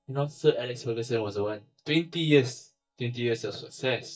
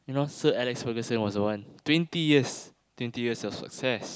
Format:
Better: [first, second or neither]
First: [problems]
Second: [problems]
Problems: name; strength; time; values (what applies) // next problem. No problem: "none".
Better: second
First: noise reduction (neural mask model DeepFilterNet 3)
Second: none